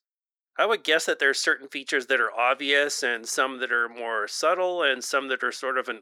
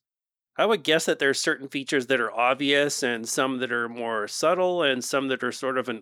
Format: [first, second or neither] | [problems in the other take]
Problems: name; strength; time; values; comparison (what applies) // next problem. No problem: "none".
second | thin; somewhat; fading below 450 Hz